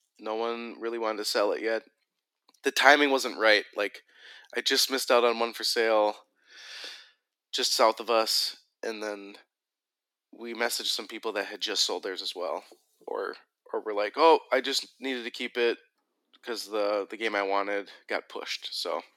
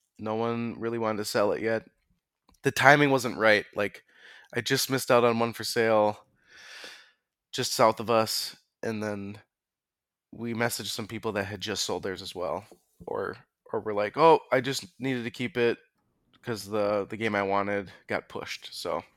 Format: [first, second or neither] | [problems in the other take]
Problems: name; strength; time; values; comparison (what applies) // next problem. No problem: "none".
second | thin; very slightly; fading below 250 Hz